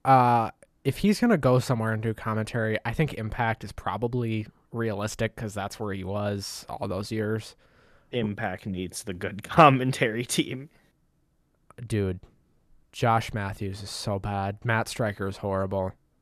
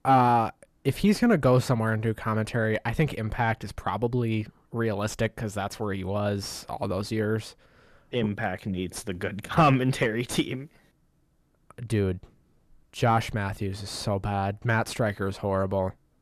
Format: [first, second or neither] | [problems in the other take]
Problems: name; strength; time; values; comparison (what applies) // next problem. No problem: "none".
first | distortion; slight; 10 dB below the speech